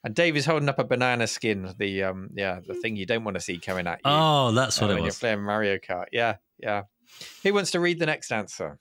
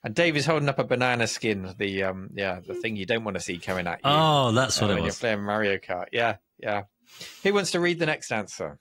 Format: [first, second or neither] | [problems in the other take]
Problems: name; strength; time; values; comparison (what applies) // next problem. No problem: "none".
first | garbled, watery; slightly; nothing above 17 kHz